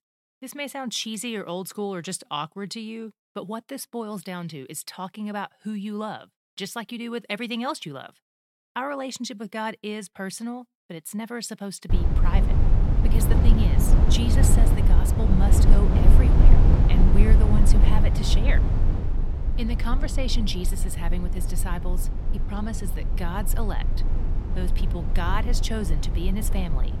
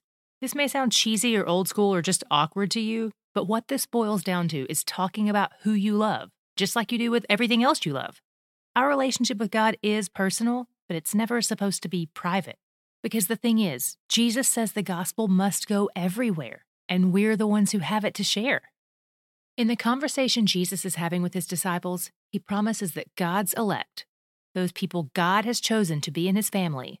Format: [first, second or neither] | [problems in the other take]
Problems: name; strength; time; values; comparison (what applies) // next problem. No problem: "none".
second | low rumble; loud; from 12 s on; 3 dB below the speech